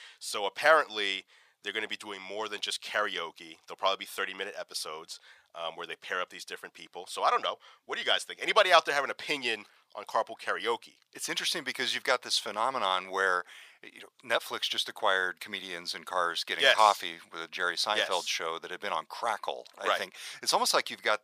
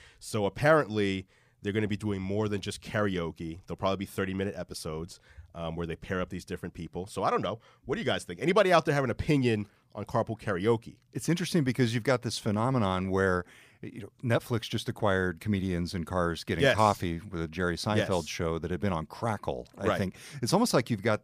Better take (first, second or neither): second